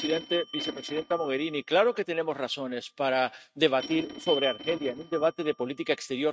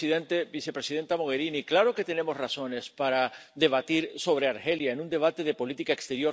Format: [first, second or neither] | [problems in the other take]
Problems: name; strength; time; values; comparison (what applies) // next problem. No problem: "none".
second | noise reduction (neural mask model RNNoise)